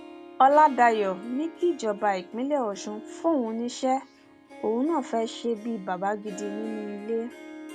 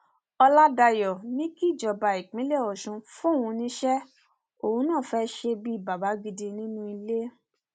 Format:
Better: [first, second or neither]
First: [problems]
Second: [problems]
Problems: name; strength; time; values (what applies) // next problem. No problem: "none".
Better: second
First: background sound (Harp); 16 dB below the speech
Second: none